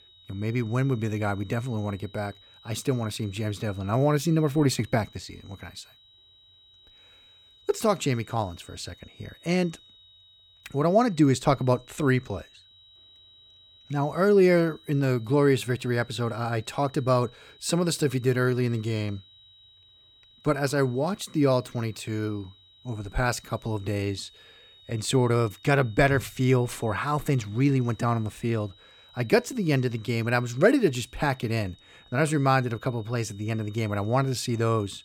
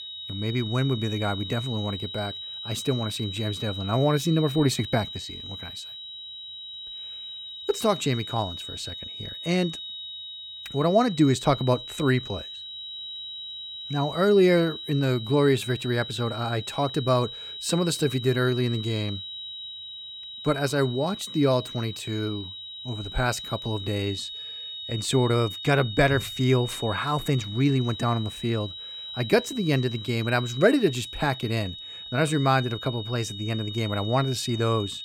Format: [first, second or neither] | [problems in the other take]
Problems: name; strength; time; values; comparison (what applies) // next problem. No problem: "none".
first | high-pitched whine; loud; throughout; 4 kHz, 9 dB below the speech; faint in the first